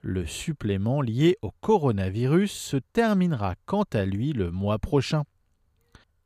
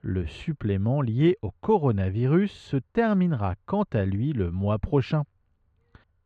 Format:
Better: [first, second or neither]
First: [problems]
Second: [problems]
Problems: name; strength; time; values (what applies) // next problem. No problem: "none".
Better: first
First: none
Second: muffled; slightly; fading above 2.5 kHz